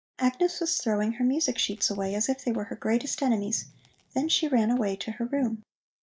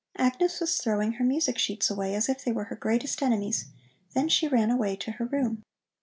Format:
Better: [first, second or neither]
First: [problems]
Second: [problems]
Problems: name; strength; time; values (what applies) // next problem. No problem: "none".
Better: second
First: noise reduction (neural mask model DeepFilterNet 3)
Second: none